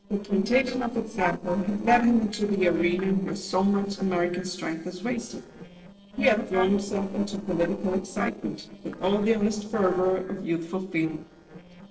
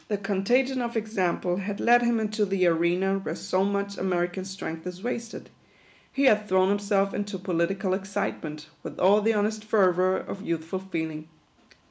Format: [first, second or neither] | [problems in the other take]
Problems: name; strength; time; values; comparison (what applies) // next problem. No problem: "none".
second | noise reduction (neural separator model SepFormer DNS4)